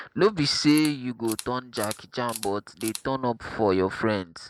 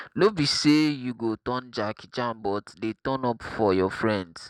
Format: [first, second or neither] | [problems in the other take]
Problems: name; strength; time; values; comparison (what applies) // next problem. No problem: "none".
second | noise reduction (neural mask model Resemble Enhance denoiser)